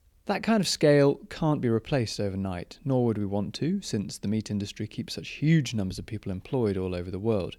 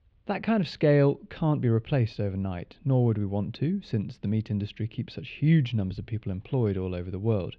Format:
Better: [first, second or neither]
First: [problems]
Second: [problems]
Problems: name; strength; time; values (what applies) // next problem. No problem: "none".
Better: first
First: none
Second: muffled; slightly; fading above 3.5 kHz